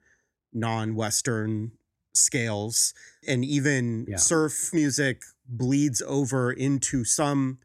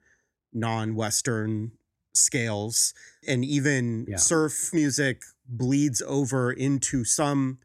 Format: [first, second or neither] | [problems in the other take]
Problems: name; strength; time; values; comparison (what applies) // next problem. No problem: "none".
neither | none